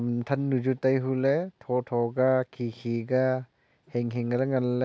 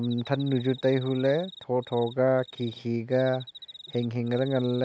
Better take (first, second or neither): first